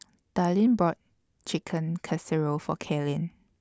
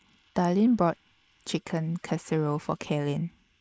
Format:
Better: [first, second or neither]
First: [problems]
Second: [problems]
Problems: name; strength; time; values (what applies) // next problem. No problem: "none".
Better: first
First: none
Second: noise reduction (neural mask model Resemble Enhance denoiser)